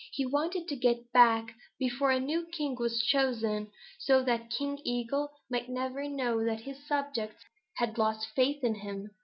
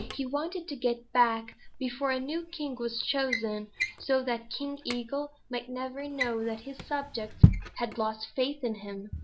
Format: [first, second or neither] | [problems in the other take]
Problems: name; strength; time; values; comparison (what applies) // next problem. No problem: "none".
first | background sound (Drawer open or close); 1 dB below the speech